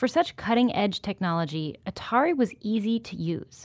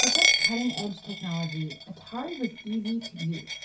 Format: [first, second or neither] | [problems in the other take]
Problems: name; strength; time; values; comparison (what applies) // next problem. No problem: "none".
first | background sound (Coin (dropping)); 3 dB above the speech // room echo; dies away in 0.3 s